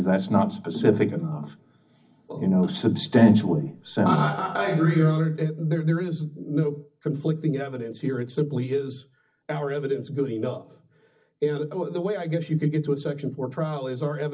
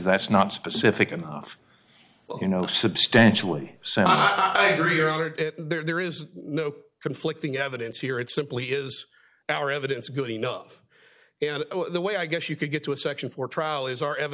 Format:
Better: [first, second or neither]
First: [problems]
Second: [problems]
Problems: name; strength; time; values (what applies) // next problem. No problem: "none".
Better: second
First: room echo; dies away in 0.4 s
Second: none